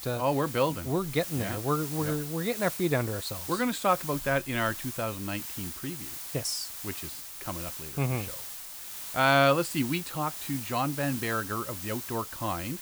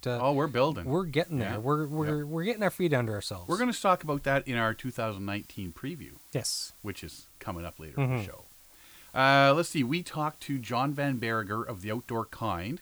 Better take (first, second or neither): second